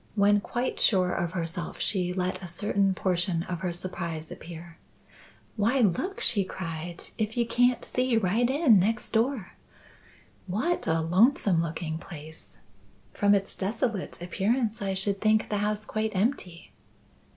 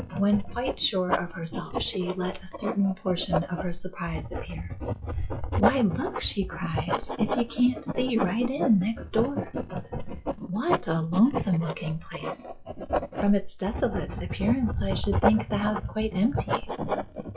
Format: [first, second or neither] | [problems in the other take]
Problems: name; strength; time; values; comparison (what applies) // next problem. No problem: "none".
first | noise reduction (classical method log-MMSE)